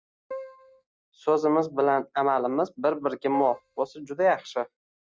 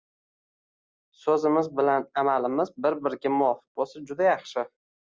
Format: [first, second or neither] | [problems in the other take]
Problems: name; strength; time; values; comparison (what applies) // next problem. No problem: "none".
second | noise reduction (neural mask model RNNoise)